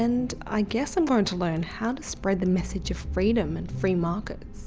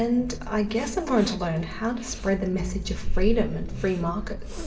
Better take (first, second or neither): first